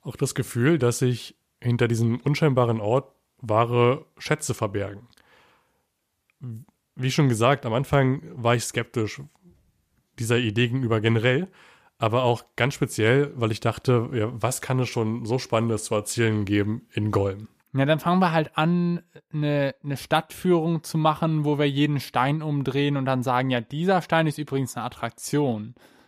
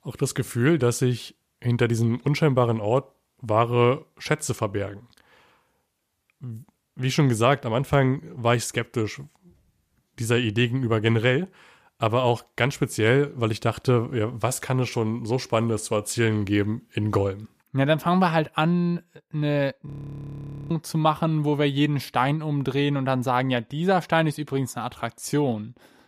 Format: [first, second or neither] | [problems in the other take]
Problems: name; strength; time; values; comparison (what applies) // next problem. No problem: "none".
first | audio freezing; at 20 s for 1 s